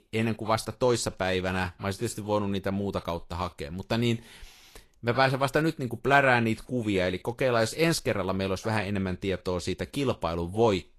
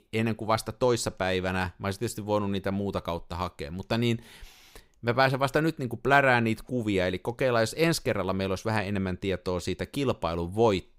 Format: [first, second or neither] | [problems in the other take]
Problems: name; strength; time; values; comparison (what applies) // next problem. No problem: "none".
second | garbled, watery; slightly; nothing above 12.5 kHz